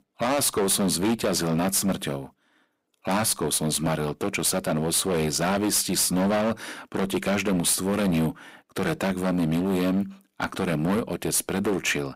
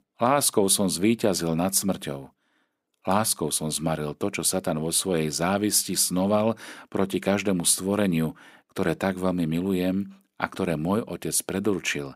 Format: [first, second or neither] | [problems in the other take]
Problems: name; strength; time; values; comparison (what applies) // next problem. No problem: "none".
second | distortion; heavy; 15% of the sound clipped